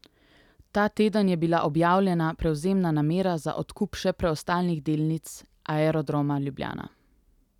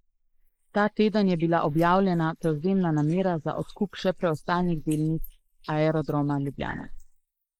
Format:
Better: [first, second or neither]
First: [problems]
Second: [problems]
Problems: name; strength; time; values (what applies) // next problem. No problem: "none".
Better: first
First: none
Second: noise reduction (neural mask model Resemble Enhance denoiser)